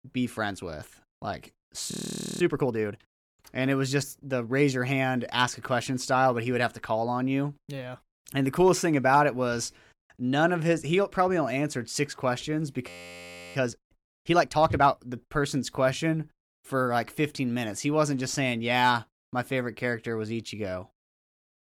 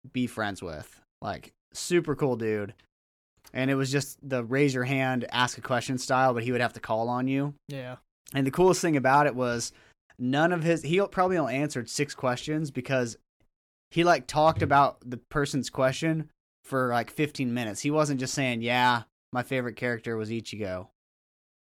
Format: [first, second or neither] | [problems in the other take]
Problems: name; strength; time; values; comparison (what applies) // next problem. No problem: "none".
second | audio freezing; at 2 s and at 13 s for 0.5 s